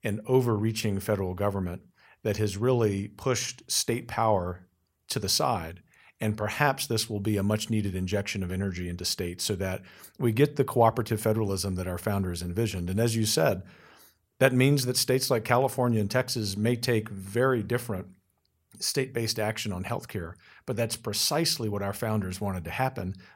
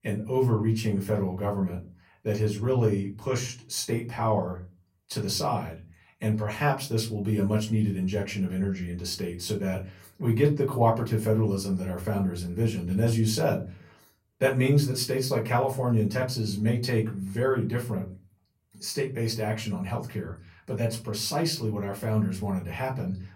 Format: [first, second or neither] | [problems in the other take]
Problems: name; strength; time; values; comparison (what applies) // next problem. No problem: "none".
first | off-mic speech; far // room echo; very slight; dies away in 0.3 s